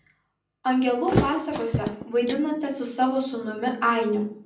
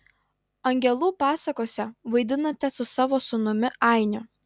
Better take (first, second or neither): second